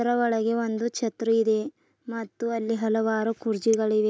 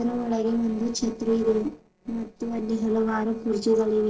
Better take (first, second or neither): first